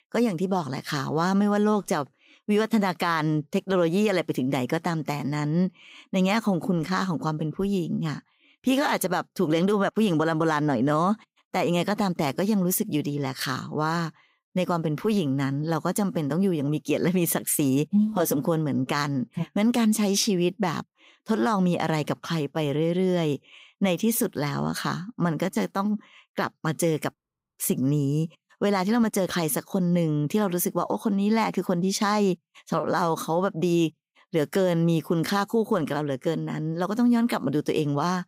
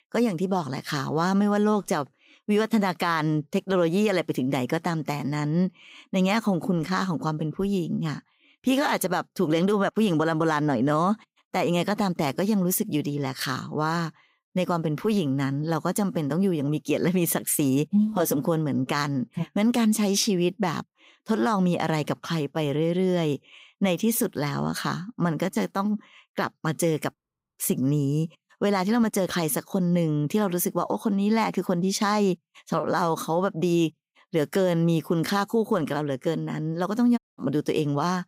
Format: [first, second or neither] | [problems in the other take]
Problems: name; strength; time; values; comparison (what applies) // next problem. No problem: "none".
first | audio cutting out; at 37 s